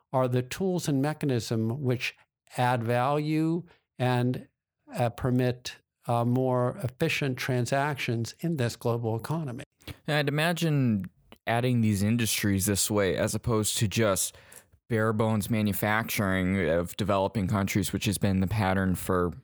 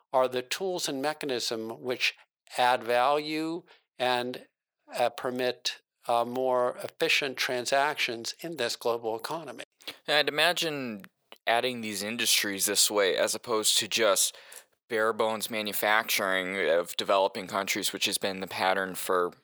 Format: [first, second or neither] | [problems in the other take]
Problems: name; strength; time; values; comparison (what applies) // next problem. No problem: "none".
first | thin; very; fading below 500 Hz